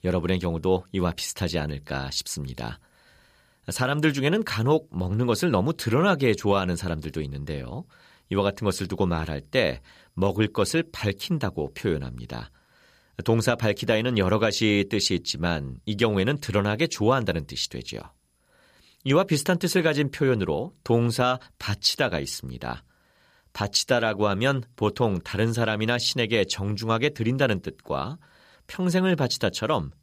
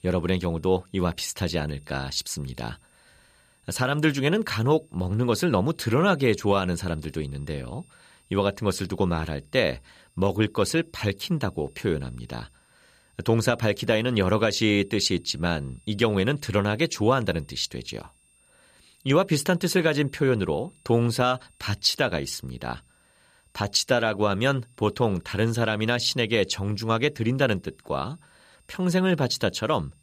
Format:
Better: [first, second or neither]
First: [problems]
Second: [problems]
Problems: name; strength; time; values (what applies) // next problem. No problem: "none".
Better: first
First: none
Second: high-pitched whine; faint; throughout; 8.5 kHz, 35 dB below the speech